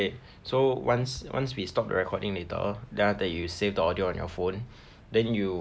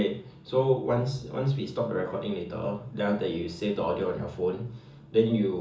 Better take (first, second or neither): first